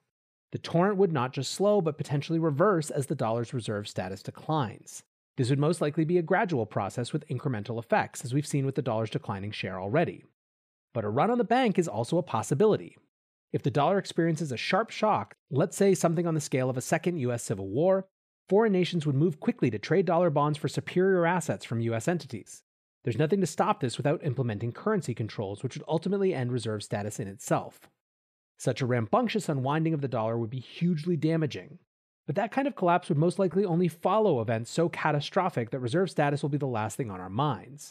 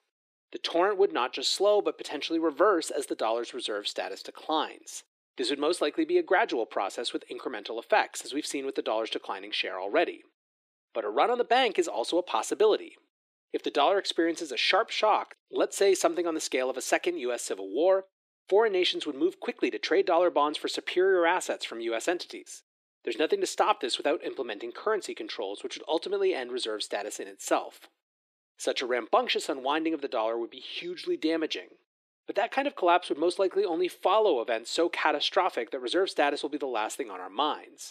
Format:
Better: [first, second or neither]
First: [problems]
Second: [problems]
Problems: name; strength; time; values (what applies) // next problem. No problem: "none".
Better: first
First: none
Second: thin; very; fading below 300 Hz